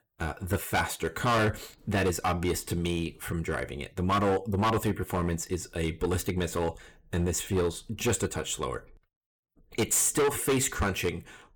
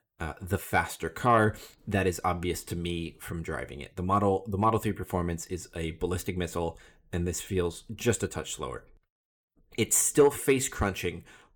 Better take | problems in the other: second | distortion; heavy; 8% of the sound clipped

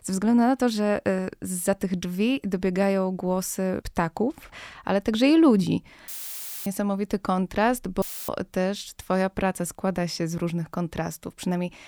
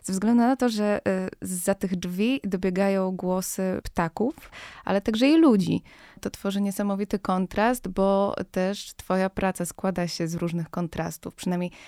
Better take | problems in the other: second | audio cutting out; filled with static; at 6 s for 0.5 s and at 8 s

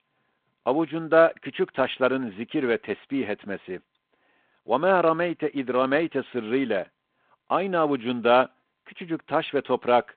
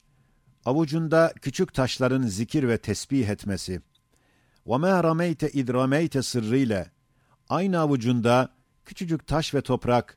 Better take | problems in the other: second | phone-call audio

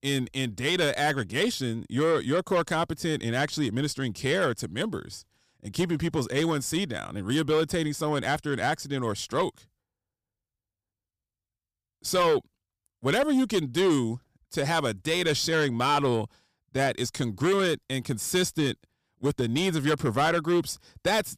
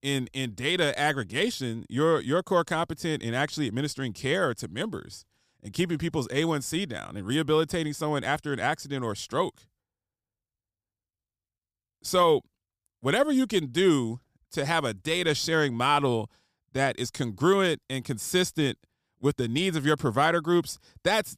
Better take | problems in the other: second | distortion; slight; 10 dB below the speech

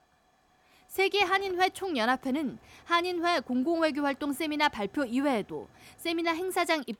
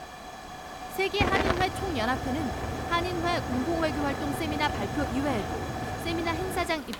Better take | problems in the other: first | hiss; loud; throughout; 3 dB below the speech; faint in the first

